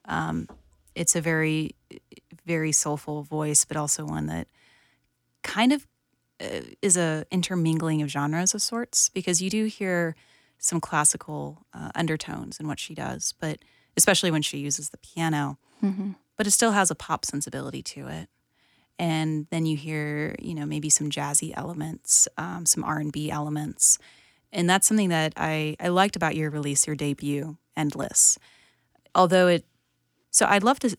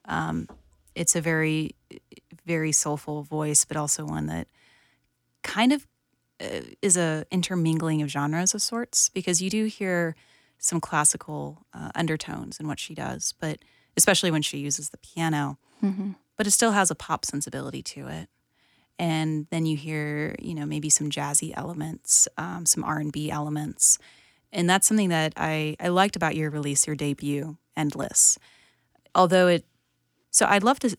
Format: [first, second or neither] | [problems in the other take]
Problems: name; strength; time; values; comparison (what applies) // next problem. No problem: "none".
neither | none